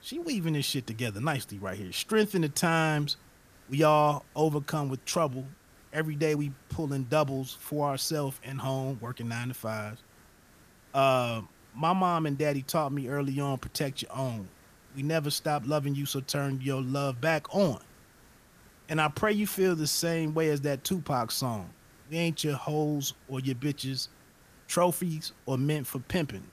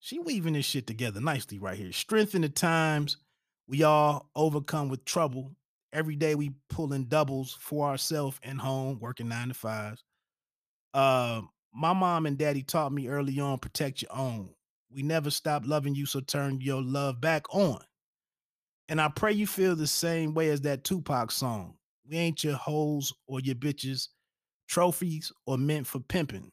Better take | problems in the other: second | hiss; faint; throughout; 25 dB below the speech

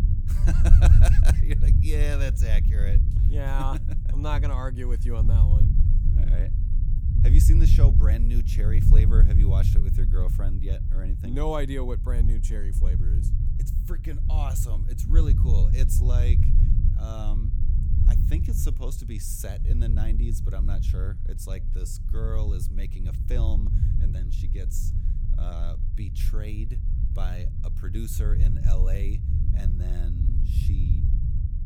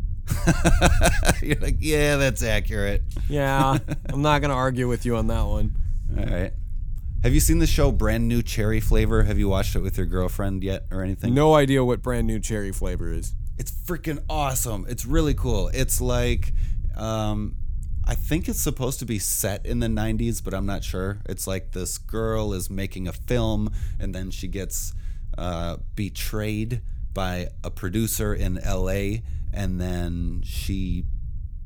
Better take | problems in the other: second | low rumble; loud; throughout; 3 dB below the speech; faint in the second

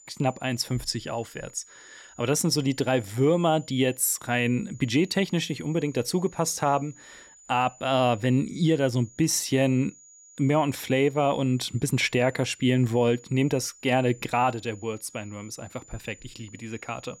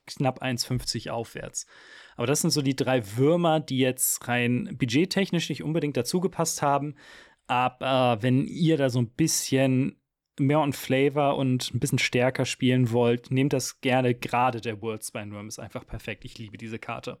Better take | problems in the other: second | high-pitched whine; faint; throughout; 7 kHz, 25 dB below the speech

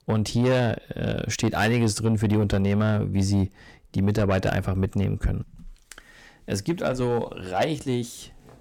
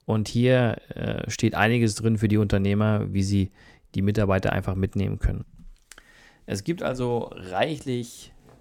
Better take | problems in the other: second | distortion; slight; 10 dB below the speech

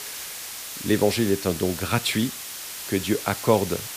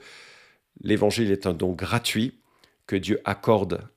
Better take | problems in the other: second | hiss; loud; throughout; 8 dB below the speech

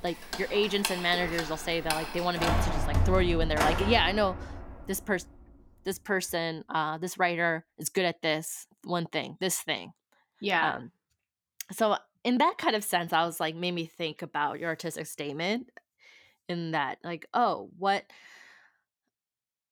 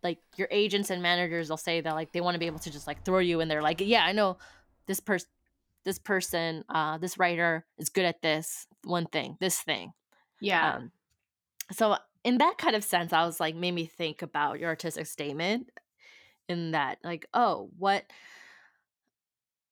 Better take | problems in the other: second | household noises; loud; until 5.5 s; 3 dB below the speech; faint in the second

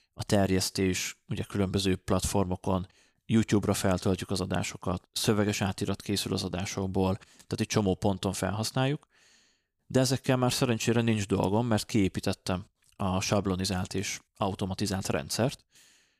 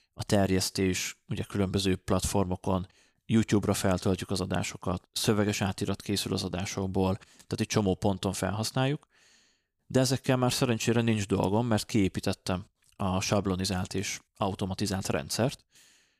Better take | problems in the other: neither | none

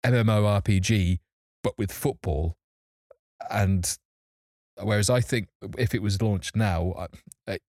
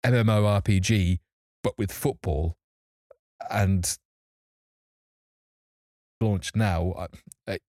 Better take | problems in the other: first | audio freezing; at 5 s for 1.5 s

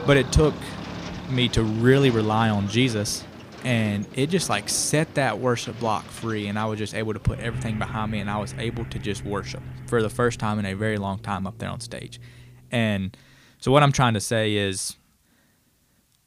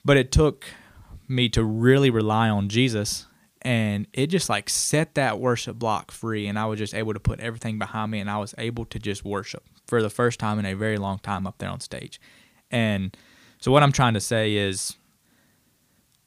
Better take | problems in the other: second | traffic noise; noticeable; throughout; 15 dB below the speech

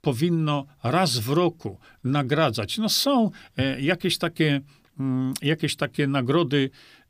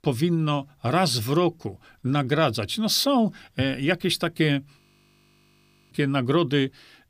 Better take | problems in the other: first | audio freezing; at 5 s for 1 s

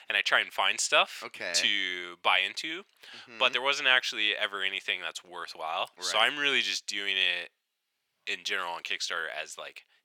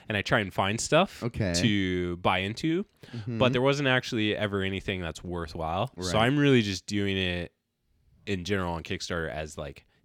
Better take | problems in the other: second | thin; very; fading below 900 Hz

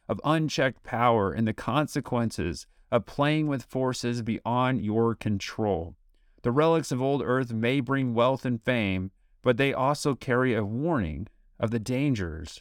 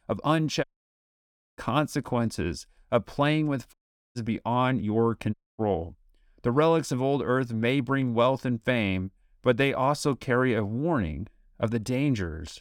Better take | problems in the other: first | audio cutting out; at 0.5 s for 1 s, at 3.5 s and at 5.5 s

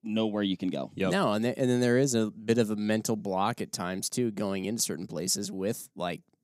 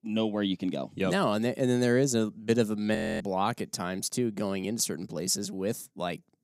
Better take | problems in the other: first | audio freezing; at 3 s

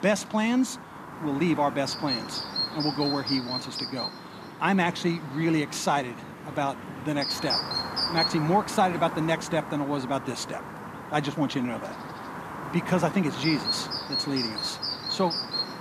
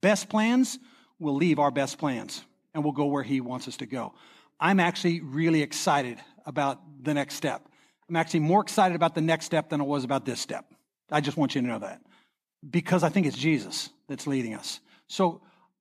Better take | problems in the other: second | animal sounds; loud; throughout; 4 dB below the speech

